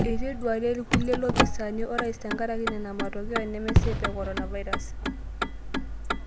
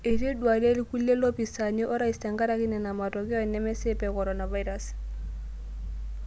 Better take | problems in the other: second | background sound (Fireworks + Motor vehicle (road)); 2 dB above the speech

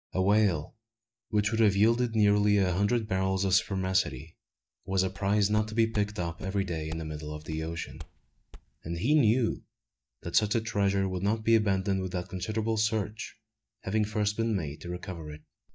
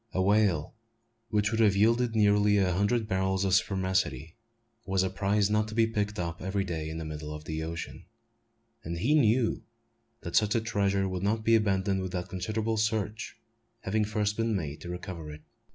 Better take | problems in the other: second | noise reduction (neural mask model DeepFilterNet 3)

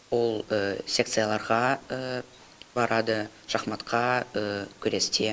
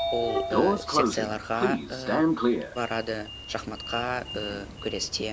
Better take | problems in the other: first | background sound (Sliding door); 3 dB above the speech

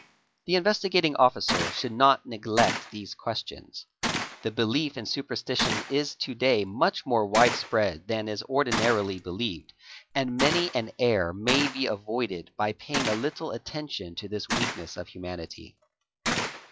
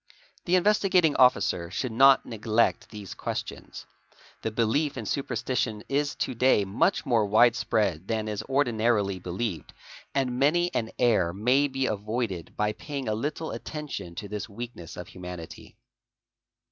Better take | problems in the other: second | noise reduction (classical method log-MMSE)

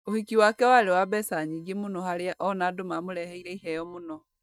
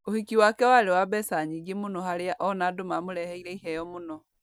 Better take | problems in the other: second | noise reduction (neural mask model DeepFilterNet 3)

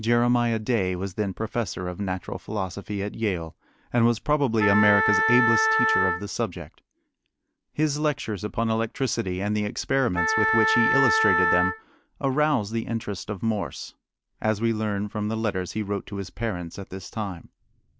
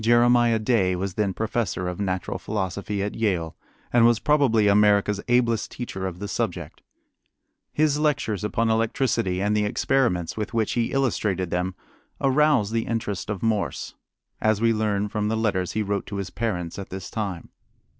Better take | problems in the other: second | background sound (Wind instrument, woodwind instrument); 2 dB above the speech

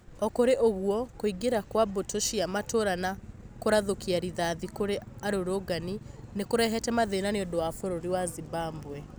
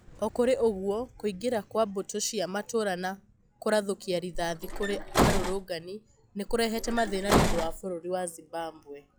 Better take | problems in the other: first | noise reduction (classical method log-MMSE)

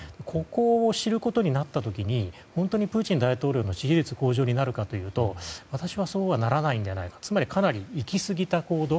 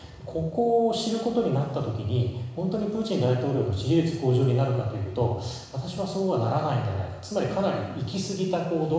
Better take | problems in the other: first | room echo; dies away in 1 s

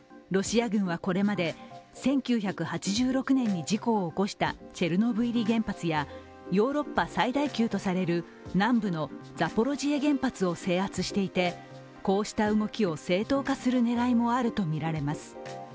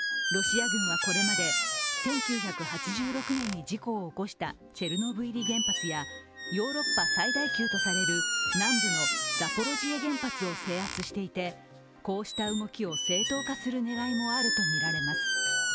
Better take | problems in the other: first | background sound (Squeak); 2 dB above the speech

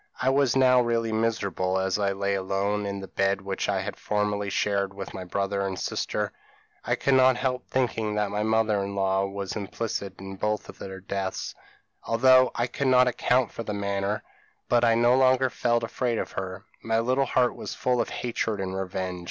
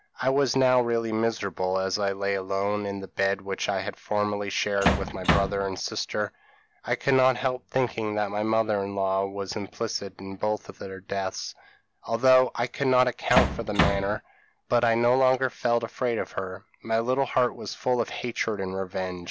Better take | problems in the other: first | background sound (Bass drum); 1 dB above the speech

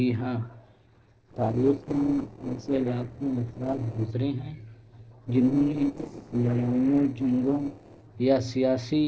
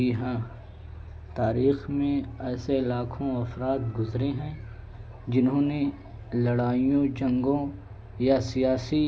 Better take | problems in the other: second | noise reduction (neural separator model SepFormer DNS4)

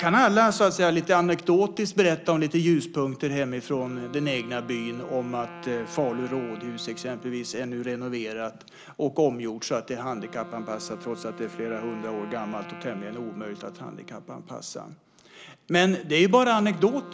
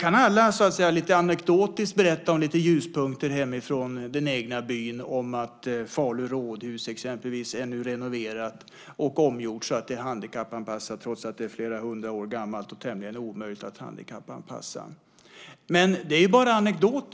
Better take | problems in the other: second | background sound (Wind instrument, woodwind instrument); 18 dB below the speech

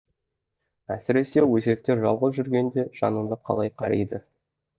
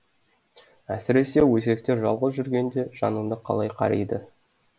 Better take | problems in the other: second | noise reduction (neural mask model DeepFilterNet 3)

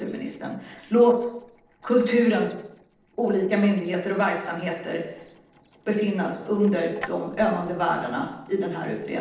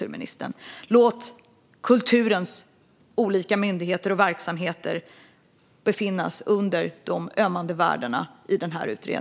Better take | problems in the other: second | noise reduction (neural separator model SepFormer DNS4)

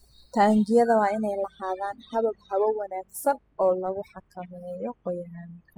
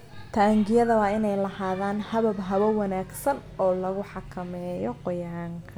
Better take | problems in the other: second | noise reduction (classical method spectral subtraction)

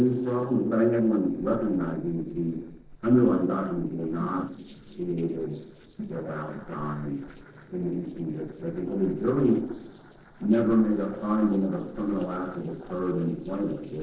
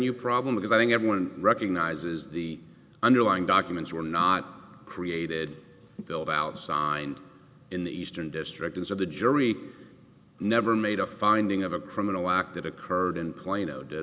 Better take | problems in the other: second | noise reduction (neural separator model SepFormer DNS4)

